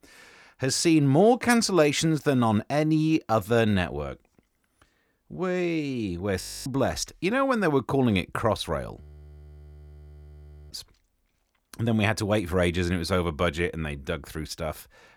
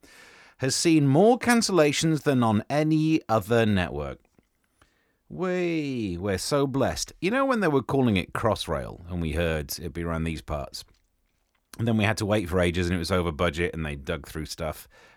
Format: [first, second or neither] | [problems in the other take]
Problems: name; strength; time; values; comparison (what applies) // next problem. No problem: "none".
second | audio freezing; at 6.5 s and at 9 s for 1.5 s